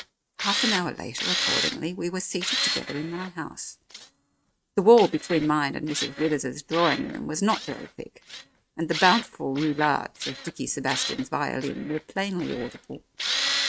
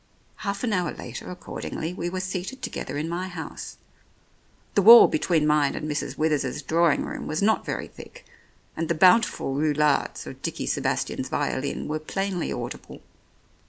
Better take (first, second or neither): second